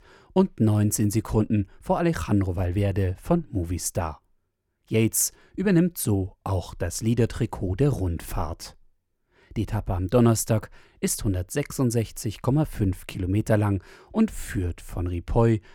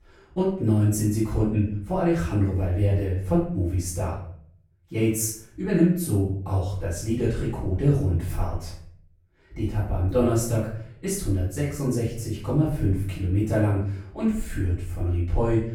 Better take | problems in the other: first | off-mic speech; far // room echo; noticeable; dies away in 0.5 s

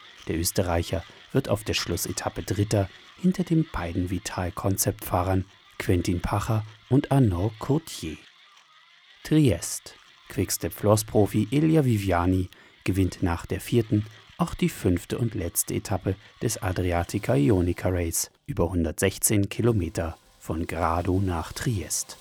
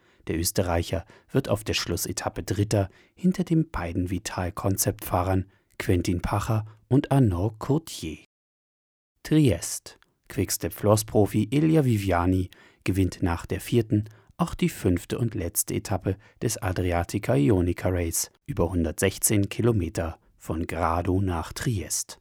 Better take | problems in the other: second | machinery noise; faint; throughout; 25 dB below the speech

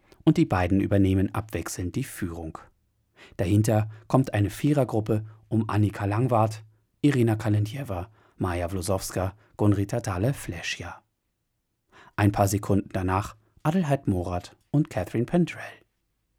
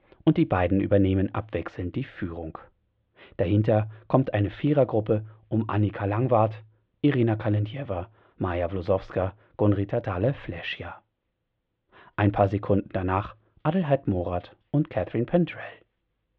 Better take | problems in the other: first | muffled; very; fading above 3.5 kHz

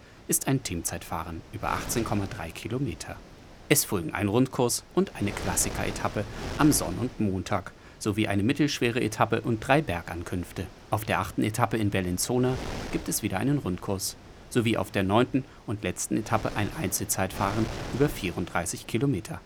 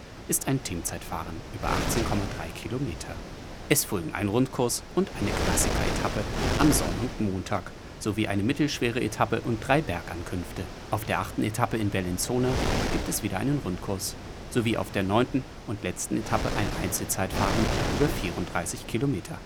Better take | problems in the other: first | wind noise on the microphone; heavy; 5 dB below the speech; occasional gusts in the first

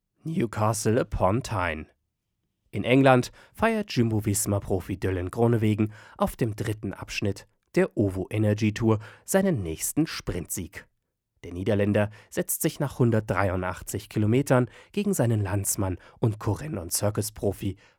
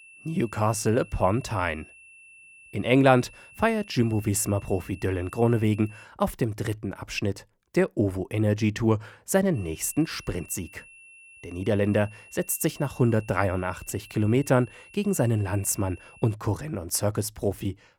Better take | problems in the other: first | high-pitched whine; faint; until 6 s and from 9.5 to 16 s; 2.5 kHz, 20 dB below the speech

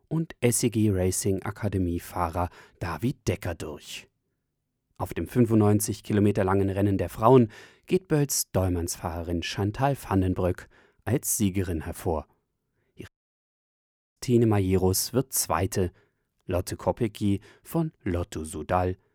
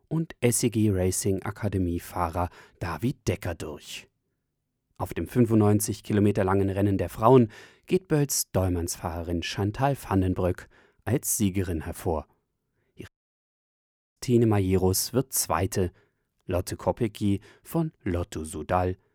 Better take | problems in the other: neither | audio cutting out; at 13 s for 1 s; the same in both

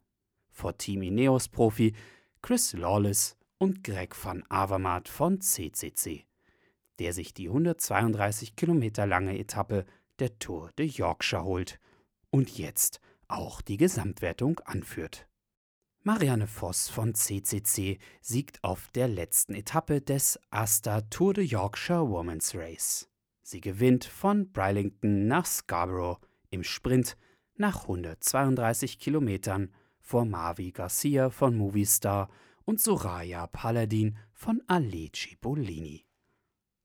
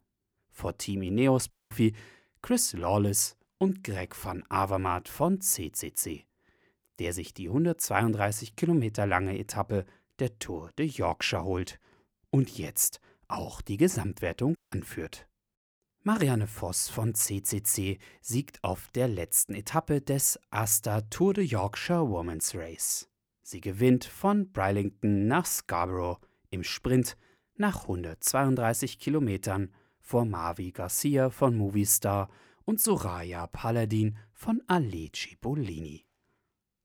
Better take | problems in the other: first | audio cutting out; at 1.5 s and at 15 s

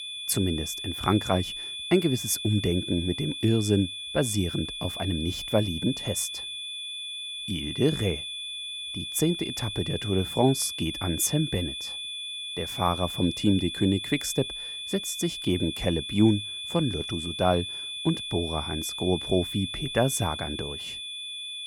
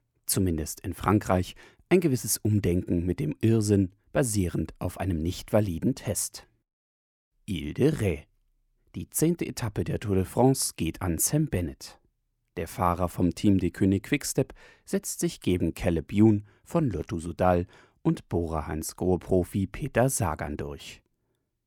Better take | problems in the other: second | high-pitched whine; loud; throughout; 3.5 kHz, 5 dB below the speech

